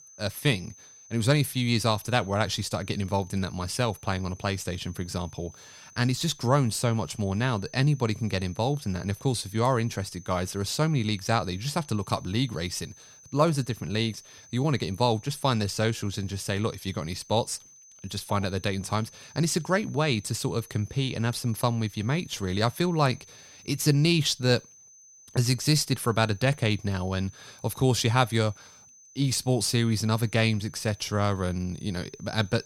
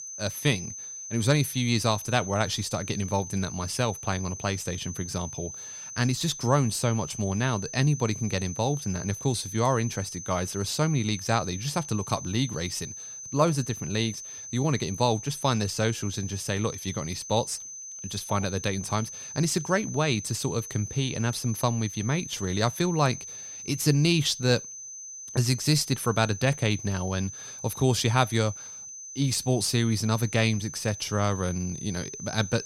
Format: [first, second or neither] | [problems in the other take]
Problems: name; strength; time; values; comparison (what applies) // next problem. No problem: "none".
first | high-pitched whine; loud; throughout; 6 kHz, 10 dB below the speech; faint in the first